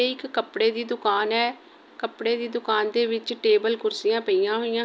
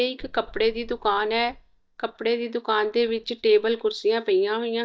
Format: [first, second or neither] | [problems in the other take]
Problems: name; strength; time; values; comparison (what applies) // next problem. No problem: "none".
first | noise reduction (neural mask model DeepFilterNet 3)